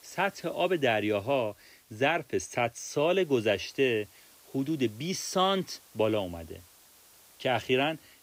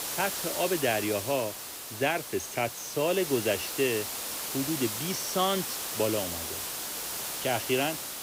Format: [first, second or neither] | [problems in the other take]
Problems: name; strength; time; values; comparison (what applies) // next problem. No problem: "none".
first | hiss; loud; throughout; 3 dB below the speech; faint in the first